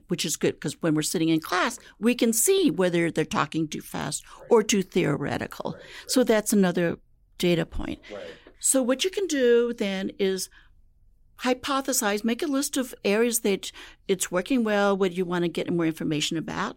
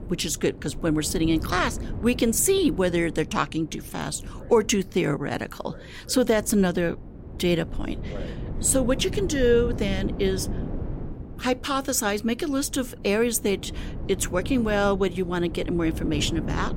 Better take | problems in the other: first | wind noise on the microphone; occasional gusts; 15 dB below the speech

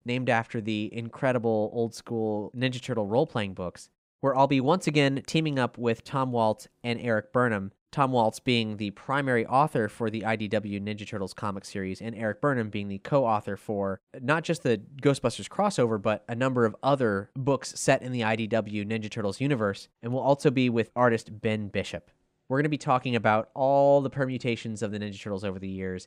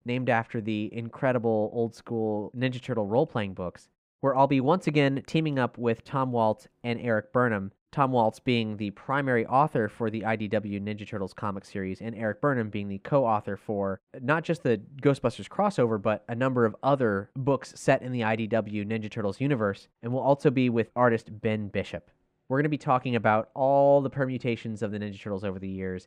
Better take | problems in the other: first | muffled; slightly; fading above 3.5 kHz

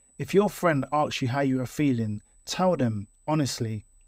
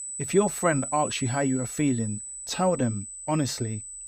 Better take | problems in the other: first | high-pitched whine; loud; throughout; 8 kHz, 7 dB below the speech; faint in the first

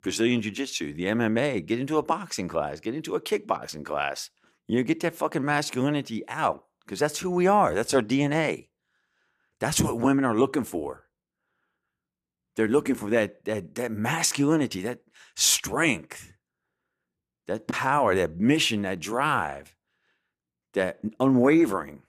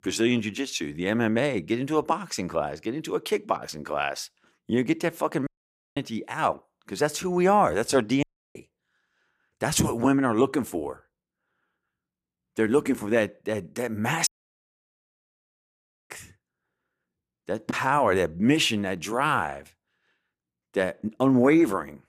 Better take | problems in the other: first | audio cutting out; at 5.5 s for 0.5 s, at 8 s and at 14 s for 2 s

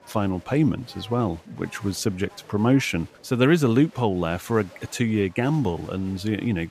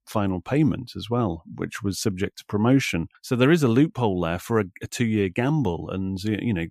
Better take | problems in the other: second | crowd noise; faint; throughout; 25 dB below the speech

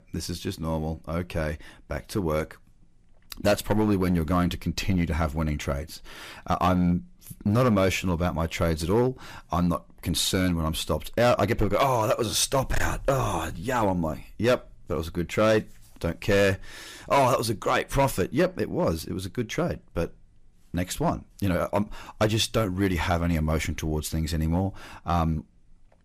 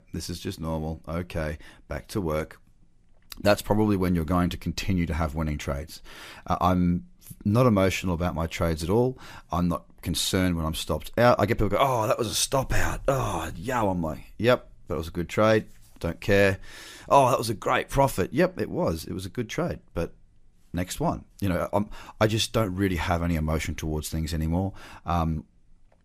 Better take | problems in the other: second | distortion; slight; 3% of the sound clipped

